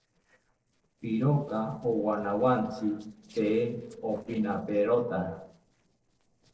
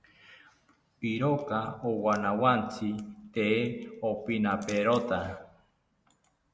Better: second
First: noise reduction (neural separator model SepFormer DNS4)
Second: none

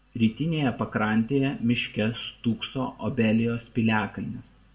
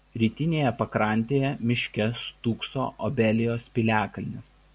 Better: second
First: room echo; dies away in 0.3 s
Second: none

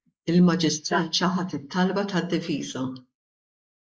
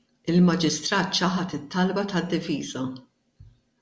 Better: second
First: noise reduction (neural mask model Resemble Enhance denoiser)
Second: none

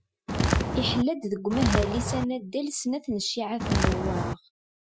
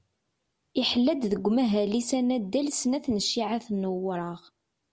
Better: second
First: noise reduction (classical method Wiener filter)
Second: none

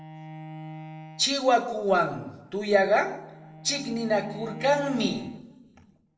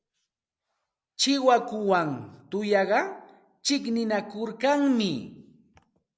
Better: second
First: background sound (Bowed string instrument); 16 dB below the speech // room echo; dies away in 0.6 s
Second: none

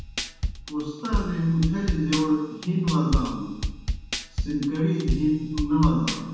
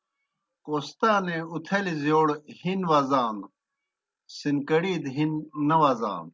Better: second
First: background sound (Drum kit); 4 dB below the speech // room echo; dies away in 1.1 s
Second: none

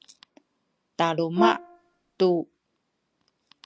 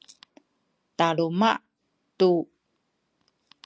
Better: second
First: background sound (Brass instrument); as loud as the speech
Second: none

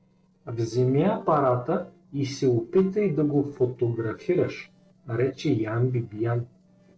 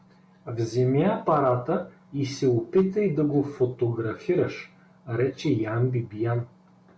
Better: second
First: noise reduction (neural separator model SepFormer DNS4)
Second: none

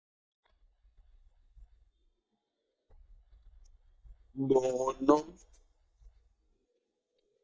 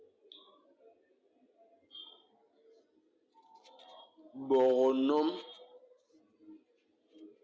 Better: second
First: noise reduction (neural mask model DeepFilterNet 3)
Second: none

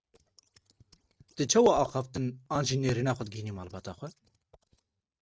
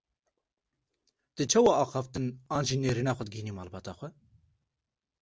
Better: second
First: noise reduction (neural mask model RNNoise)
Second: none

